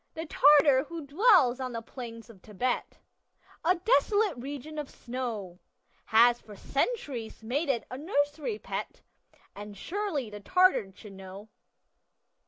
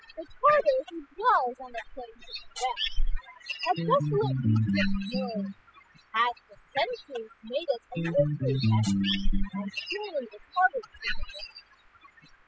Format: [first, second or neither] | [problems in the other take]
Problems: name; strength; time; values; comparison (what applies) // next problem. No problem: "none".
first | noise reduction (classical method spectral subtraction)